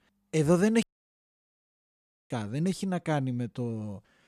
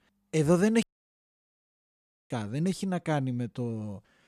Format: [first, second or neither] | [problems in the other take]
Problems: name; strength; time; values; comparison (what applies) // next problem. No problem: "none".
neither | audio cutting out; at 1 s for 1.5 s; the same in both